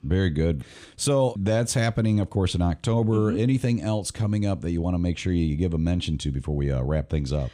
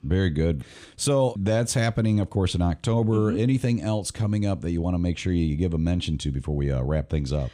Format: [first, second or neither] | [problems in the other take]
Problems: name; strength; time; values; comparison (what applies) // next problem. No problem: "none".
neither | none